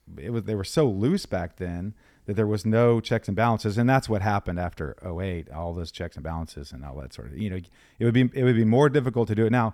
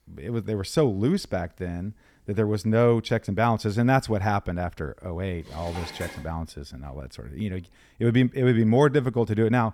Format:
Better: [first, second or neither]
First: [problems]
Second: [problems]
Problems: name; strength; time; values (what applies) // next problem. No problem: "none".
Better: first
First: none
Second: clattering dishes; faint; at 5.5 s; peak 10 dB below the speech